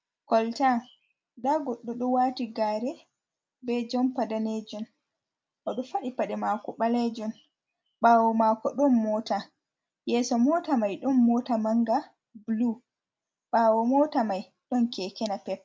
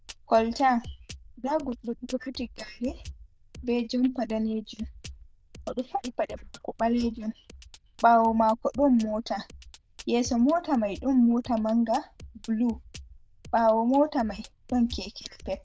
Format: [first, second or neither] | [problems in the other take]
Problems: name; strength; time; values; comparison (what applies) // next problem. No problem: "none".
first | noise reduction (neural diffusion model UNIVERSE++)